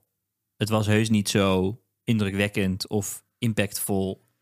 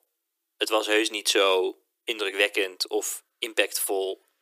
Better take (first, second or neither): first